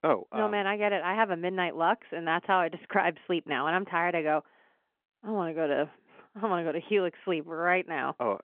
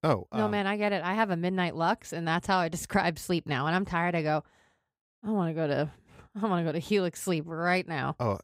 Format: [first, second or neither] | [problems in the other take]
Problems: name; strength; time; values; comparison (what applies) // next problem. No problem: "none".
second | phone-call audio